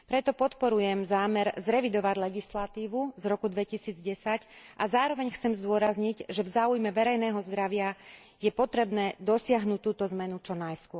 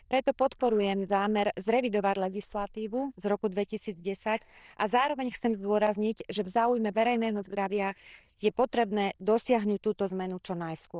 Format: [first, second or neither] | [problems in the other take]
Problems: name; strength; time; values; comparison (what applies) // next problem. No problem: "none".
first | noise reduction (neural diffusion model UNIVERSE++)